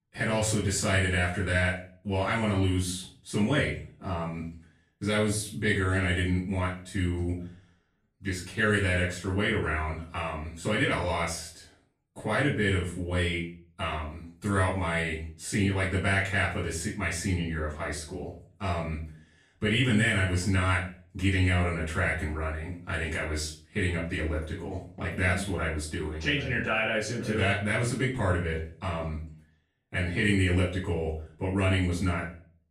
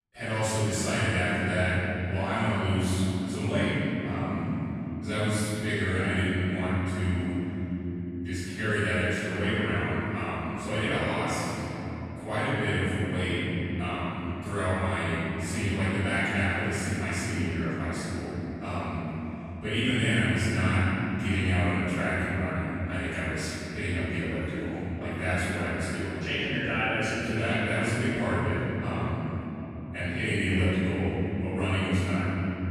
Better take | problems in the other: first | room echo; strong; dies away in 3 s; slight in the first // off-mic speech; far; far in the first

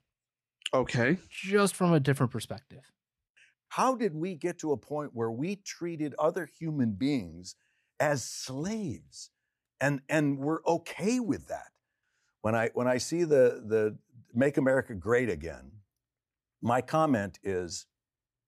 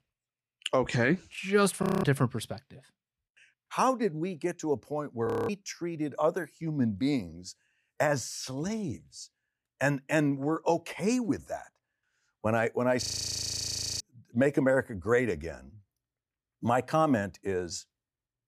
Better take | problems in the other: first | audio freezing; at 2 s, at 5.5 s and at 13 s for 1 s

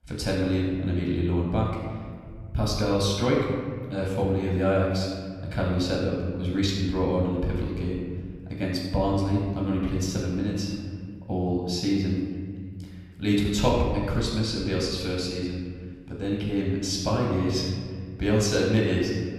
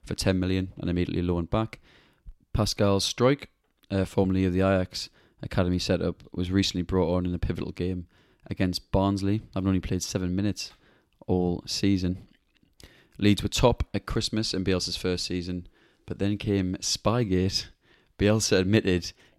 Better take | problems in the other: second | off-mic speech; far // room echo; noticeable; dies away in 1.8 s

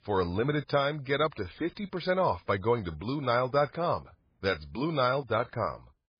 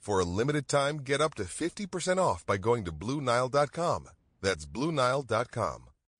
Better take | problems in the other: second | garbled, watery; badly; nothing above 5 kHz; slightly in the second

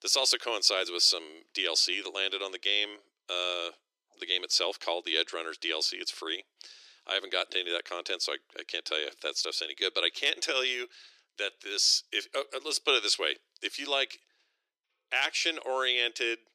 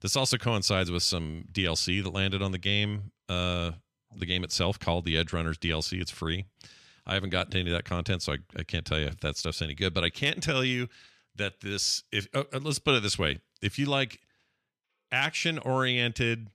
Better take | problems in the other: second | thin; very; fading below 350 Hz

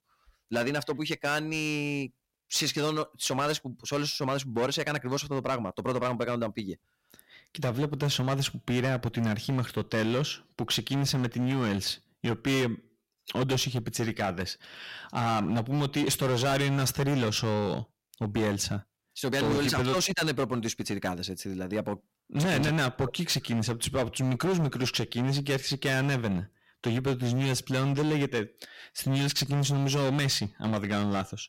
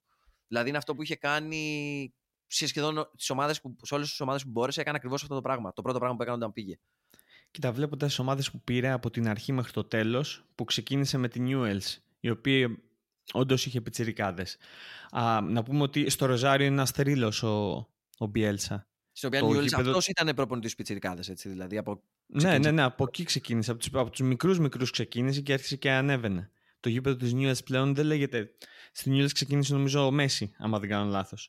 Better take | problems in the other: second | distortion; heavy; 13% of the sound clipped

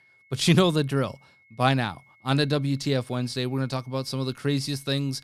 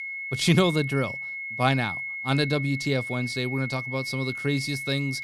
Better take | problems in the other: first | high-pitched whine; loud; throughout; 2 kHz, 5 dB below the speech; faint in the first

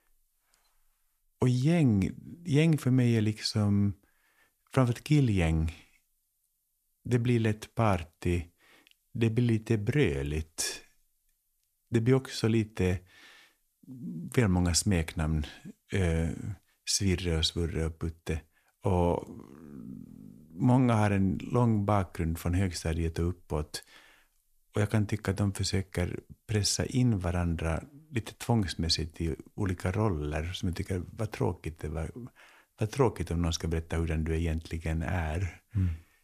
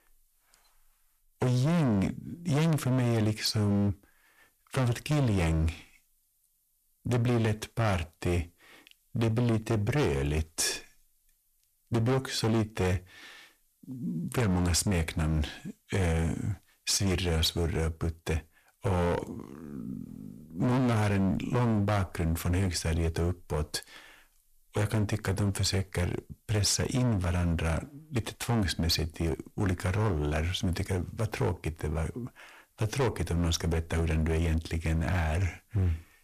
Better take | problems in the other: first | distortion; heavy; 15% of the sound clipped

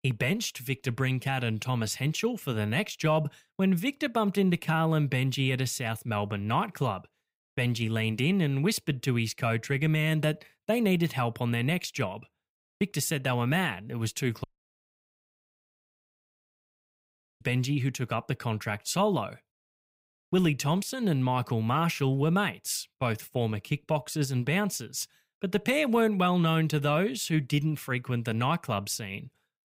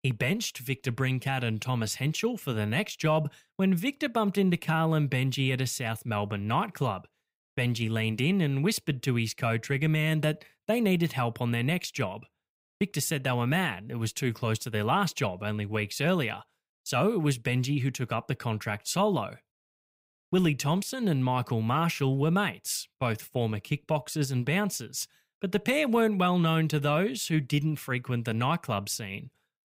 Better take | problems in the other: second | audio cutting out; at 14 s for 3 s

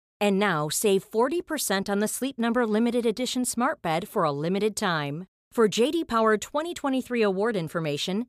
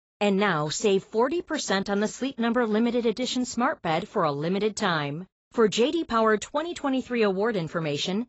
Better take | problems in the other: first | garbled, watery; badly; nothing above 7.5 kHz

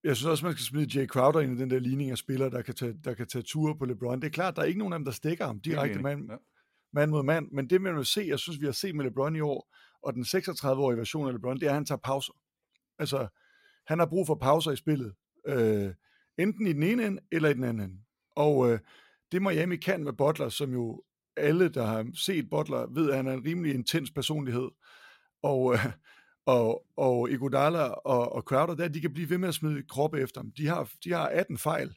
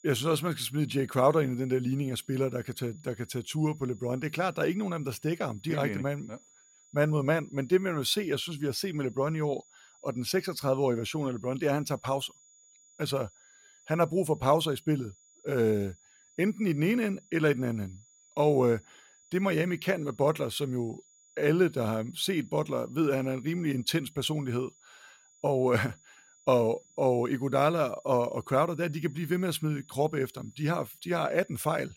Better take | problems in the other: first | high-pitched whine; faint; throughout; 7 kHz, 30 dB below the speech

